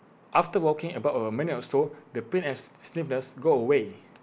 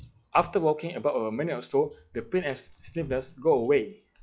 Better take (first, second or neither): first